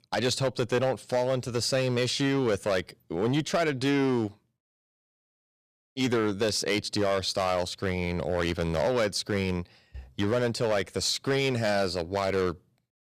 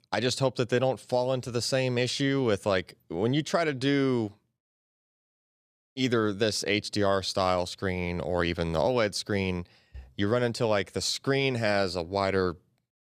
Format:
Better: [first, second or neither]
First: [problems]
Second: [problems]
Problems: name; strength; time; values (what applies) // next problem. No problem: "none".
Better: second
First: distortion; slight; 6% of the sound clipped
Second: none